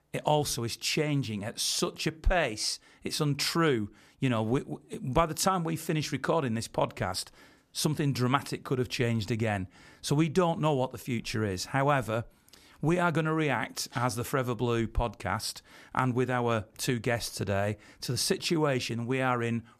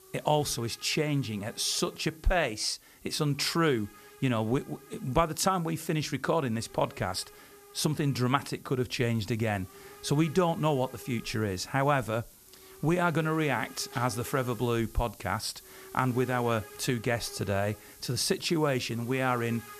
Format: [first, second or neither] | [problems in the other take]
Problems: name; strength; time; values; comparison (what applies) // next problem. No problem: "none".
first | hiss; faint; throughout; 20 dB below the speech